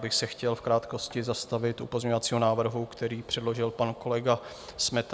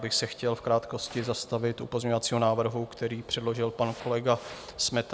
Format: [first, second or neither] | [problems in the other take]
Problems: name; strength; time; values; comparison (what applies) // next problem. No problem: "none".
first | background sound (Fire); 19 dB below the speech